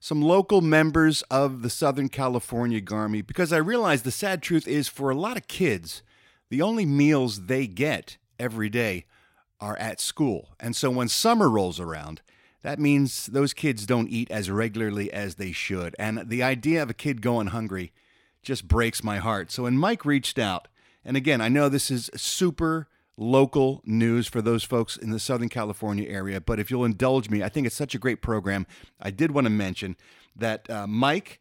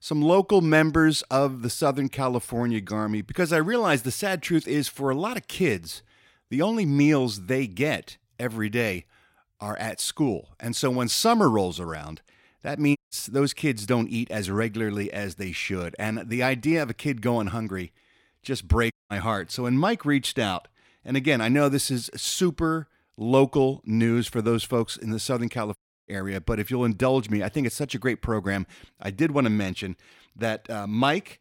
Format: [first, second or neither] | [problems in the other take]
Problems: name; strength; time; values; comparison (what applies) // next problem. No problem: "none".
first | audio cutting out; at 13 s, at 19 s and at 26 s